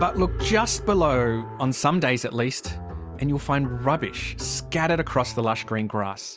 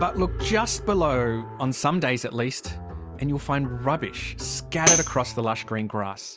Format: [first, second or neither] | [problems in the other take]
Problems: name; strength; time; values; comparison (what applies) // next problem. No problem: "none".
first | background sound (Tambourine); as loud as the speech